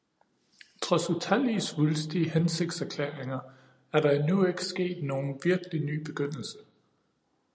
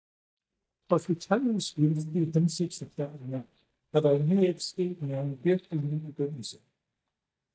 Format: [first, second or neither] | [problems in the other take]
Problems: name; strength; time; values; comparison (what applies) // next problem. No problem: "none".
first | noise reduction (neural mask model DeepFilterNet 3)